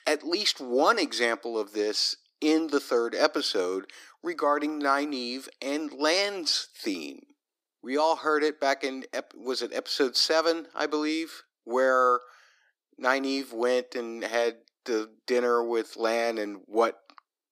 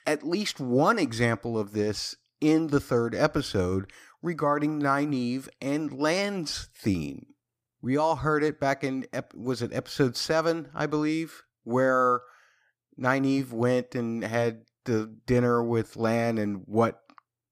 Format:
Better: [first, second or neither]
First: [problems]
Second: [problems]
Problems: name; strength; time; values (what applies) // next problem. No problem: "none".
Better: second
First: thin; somewhat; fading below 300 Hz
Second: none